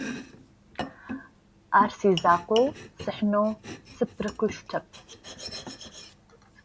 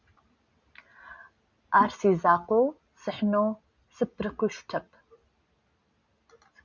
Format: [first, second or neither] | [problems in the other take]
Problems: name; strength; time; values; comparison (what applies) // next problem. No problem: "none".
second | background sound (Domestic sounds, home sounds); 13 dB below the speech